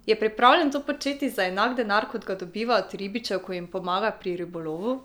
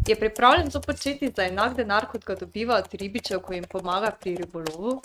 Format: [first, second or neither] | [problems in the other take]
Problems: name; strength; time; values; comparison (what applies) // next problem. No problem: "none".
first | noise reduction (neural mask model RNNoise)